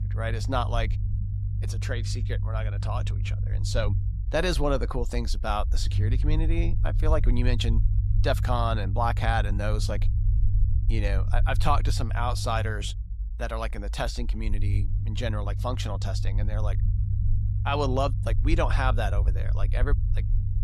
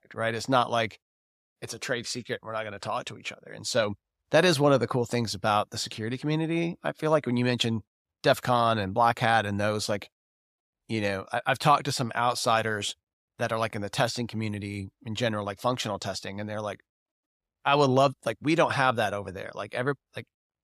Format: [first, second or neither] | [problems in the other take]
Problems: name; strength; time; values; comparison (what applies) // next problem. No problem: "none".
second | low rumble; noticeable; throughout; 15 dB below the speech